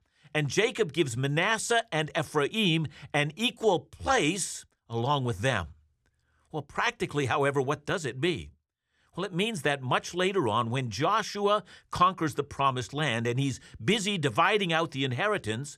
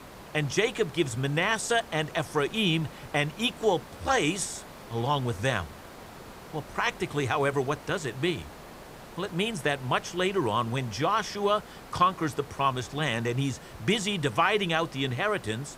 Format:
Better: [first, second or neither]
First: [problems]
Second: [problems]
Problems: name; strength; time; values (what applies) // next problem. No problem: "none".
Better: first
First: none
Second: hiss; noticeable; throughout; 15 dB below the speech